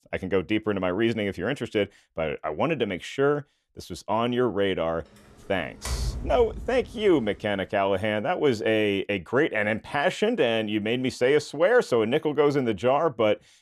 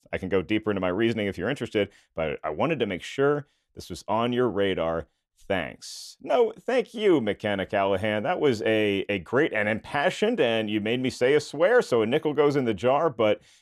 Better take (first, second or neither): second